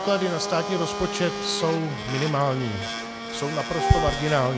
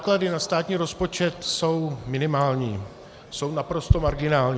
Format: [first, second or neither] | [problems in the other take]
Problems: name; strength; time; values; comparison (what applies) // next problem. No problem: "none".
second | background sound (Wind instrument, woodwind instrument + Domestic sounds, home sounds); 5 dB below the speech